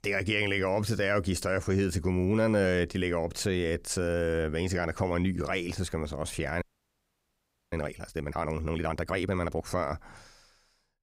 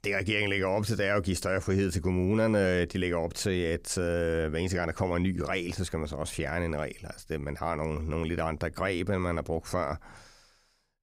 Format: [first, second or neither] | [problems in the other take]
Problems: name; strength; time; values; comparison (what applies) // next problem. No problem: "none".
second | audio freezing; at 6.5 s for 1 s